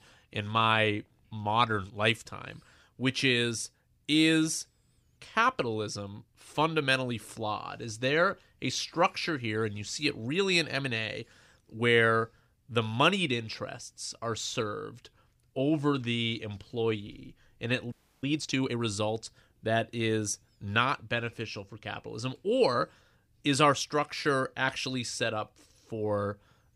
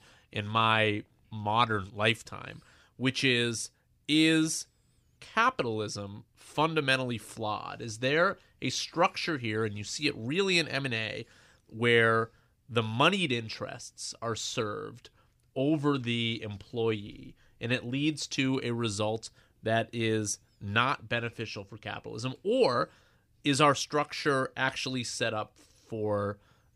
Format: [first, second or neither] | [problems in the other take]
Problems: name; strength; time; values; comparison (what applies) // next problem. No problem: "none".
second | audio freezing; at 18 s